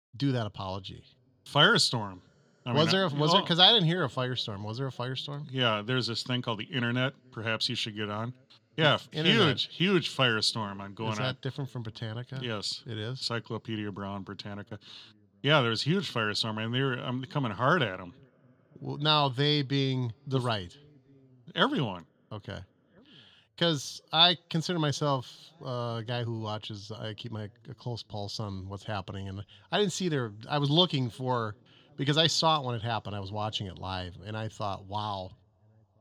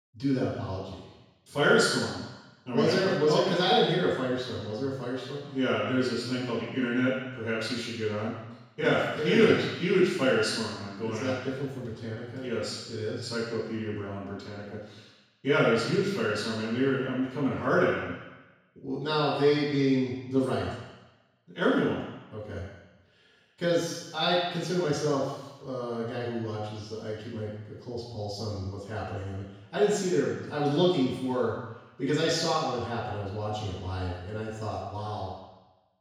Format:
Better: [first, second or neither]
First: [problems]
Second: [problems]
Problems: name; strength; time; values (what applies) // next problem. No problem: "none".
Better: first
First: room echo; slight; dies away in 3 s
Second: room echo; strong; dies away in 1.1 s // off-mic speech; far